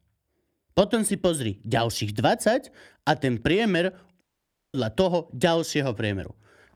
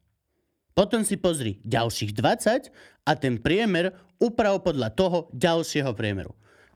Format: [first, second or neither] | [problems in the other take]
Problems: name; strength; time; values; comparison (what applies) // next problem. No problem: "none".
second | audio cutting out; at 4 s for 0.5 s